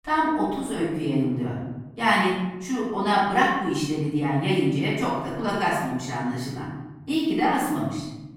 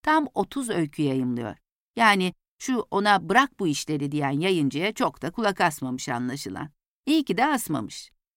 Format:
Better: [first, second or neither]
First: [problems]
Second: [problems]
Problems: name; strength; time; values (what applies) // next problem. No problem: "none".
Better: second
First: off-mic speech; far // room echo; noticeable; dies away in 1.4 s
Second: none